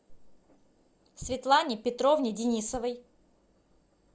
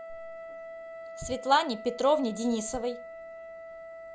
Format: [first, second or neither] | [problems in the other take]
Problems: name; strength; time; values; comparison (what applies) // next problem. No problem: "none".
first | background sound (Wind instrument, woodwind instrument); 12 dB below the speech